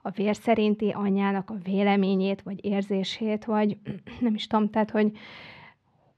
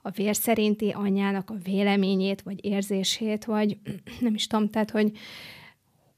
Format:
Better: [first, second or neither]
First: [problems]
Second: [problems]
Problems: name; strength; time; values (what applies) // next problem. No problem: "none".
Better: second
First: muffled; slightly; fading above 3 kHz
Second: none